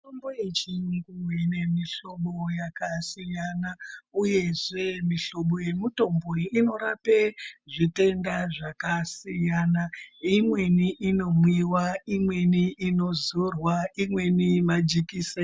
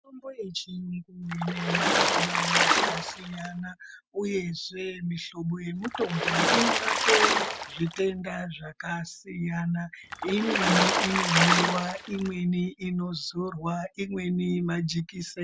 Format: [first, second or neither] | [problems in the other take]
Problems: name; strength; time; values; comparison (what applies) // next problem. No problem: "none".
first | background sound (Water / Splash, splatter); 4 dB above the speech